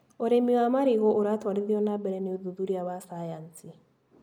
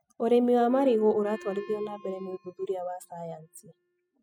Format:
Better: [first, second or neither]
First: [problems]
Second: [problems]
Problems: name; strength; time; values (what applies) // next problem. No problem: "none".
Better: first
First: none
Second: noise reduction (classical method spectral subtraction)